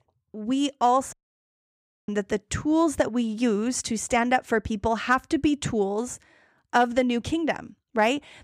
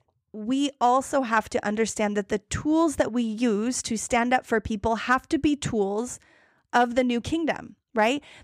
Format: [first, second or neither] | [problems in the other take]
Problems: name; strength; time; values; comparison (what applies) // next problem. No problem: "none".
second | audio cutting out; at 1 s for 1 s